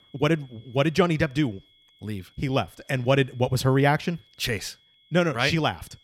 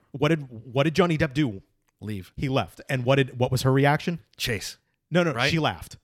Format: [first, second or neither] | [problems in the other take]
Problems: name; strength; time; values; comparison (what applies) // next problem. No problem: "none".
second | high-pitched whine; faint; throughout; 3.5 kHz, 30 dB below the speech